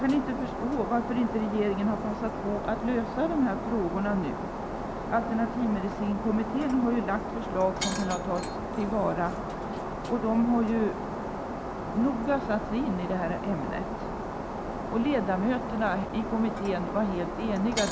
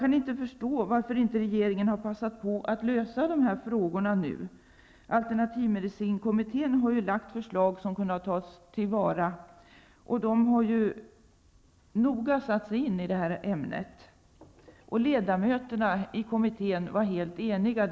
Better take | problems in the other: second | background sound (Shatter); 4 dB below the speech

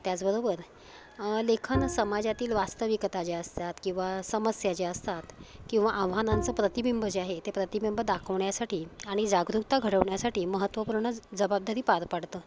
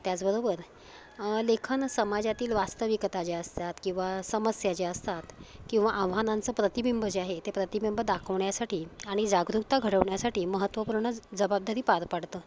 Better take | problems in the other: second | background sound (Bowed string instrument); 7 dB below the speech

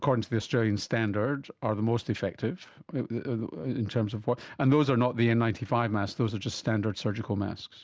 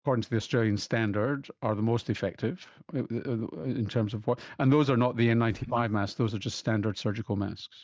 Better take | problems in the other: first | noise reduction (neural mask model DeepFilterNet 3)

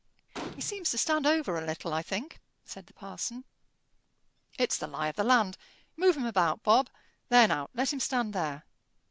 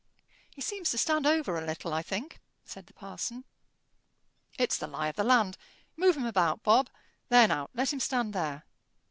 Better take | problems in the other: second | background sound (Gunshot, gunfire); 13 dB below the speech

